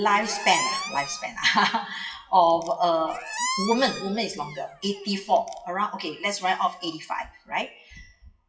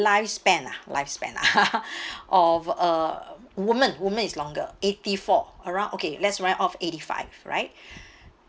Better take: second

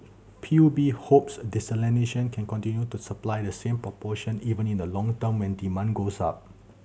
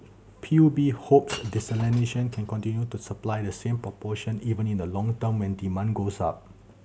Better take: first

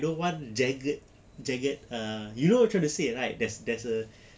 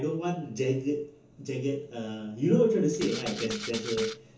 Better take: first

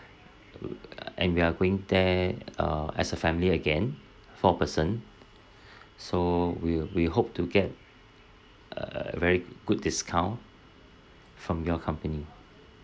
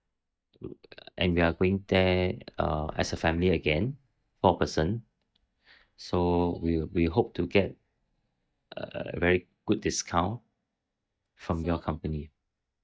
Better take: first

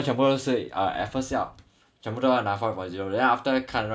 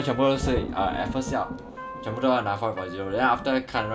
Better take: first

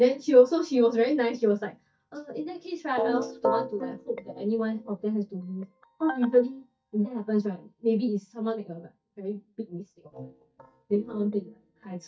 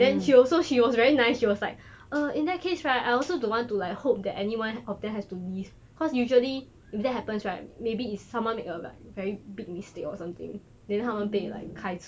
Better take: second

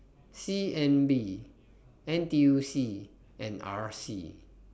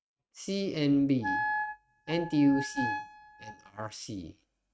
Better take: first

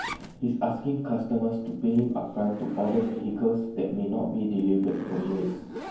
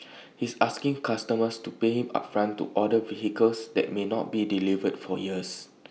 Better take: second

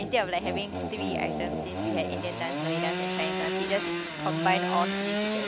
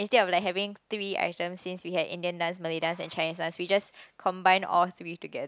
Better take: second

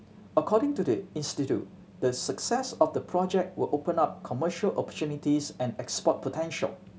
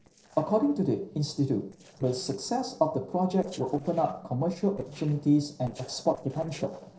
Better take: first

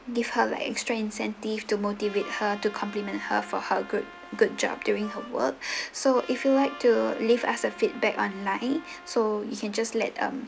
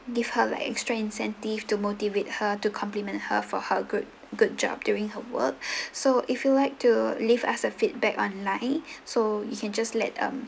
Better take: second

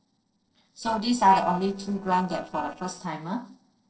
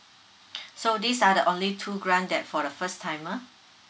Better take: second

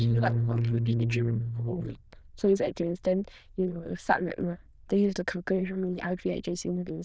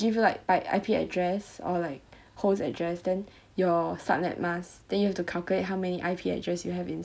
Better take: second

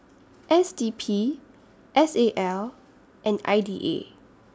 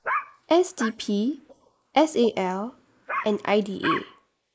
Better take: first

